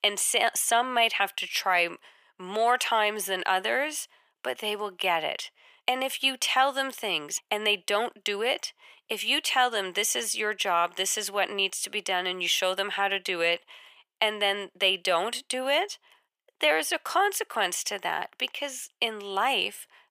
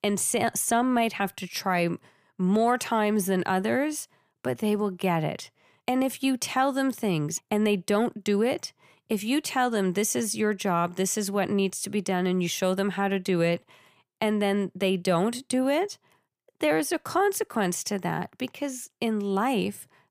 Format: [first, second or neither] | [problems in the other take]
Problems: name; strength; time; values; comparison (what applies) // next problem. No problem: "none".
second | thin; very; fading below 650 Hz